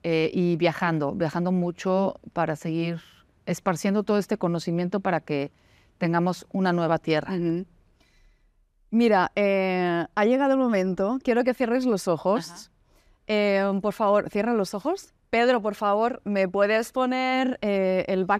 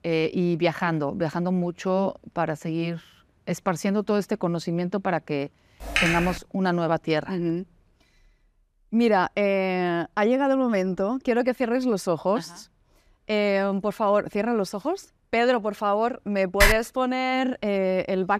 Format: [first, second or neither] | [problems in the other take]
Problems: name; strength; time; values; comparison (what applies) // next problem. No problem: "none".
first | keyboard typing; loud; at 6 s and at 17 s; peak 4 dB above the speech